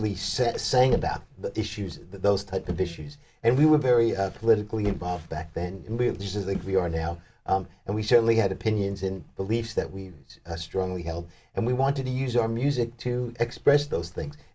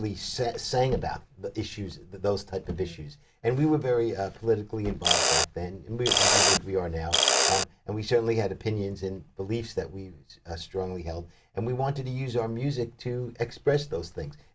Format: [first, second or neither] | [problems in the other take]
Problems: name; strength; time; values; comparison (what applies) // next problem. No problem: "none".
first | background sound (Mechanisms); 4 dB above the speech